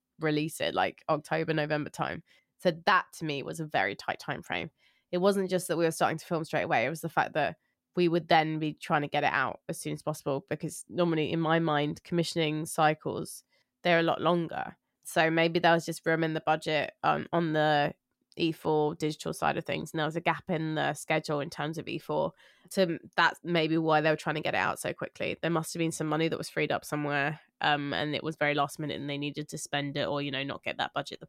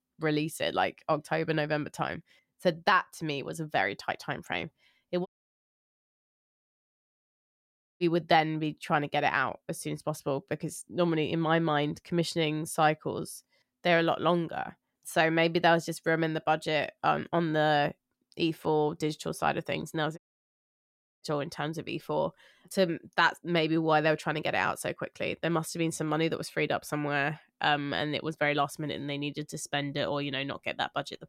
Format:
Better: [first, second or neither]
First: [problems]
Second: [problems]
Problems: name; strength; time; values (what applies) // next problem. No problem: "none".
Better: first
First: none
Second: audio cutting out; at 5.5 s for 2.5 s and at 20 s for 1 s